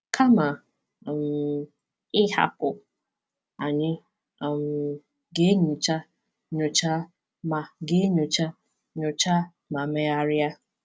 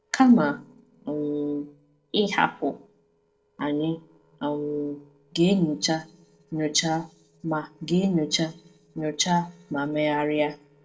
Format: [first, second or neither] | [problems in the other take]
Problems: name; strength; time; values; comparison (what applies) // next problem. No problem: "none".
first | noise reduction (neural separator model SepFormer DNS4)